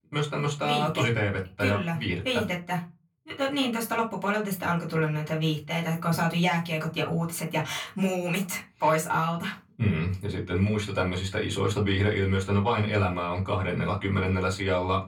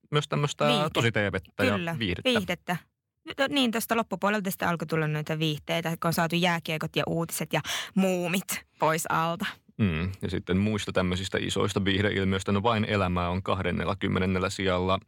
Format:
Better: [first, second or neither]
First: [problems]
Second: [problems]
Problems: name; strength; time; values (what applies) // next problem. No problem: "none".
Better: second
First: off-mic speech; far // room echo; very slight; dies away in 0.2 s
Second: none